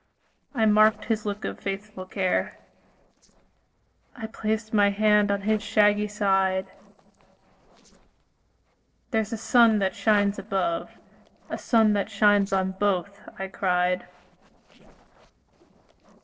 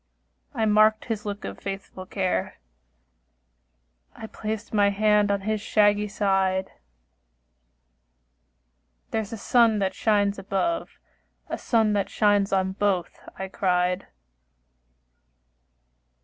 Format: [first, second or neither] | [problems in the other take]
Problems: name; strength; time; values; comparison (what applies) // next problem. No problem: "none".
second | noise reduction (neural separator model SepFormer DNS4)